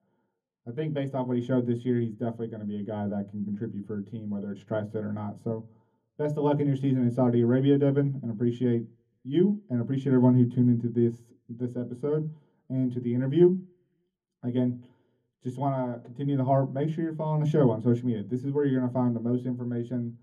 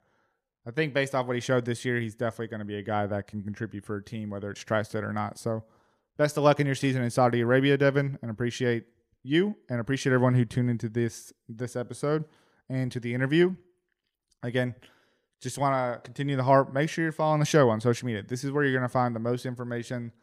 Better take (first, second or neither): second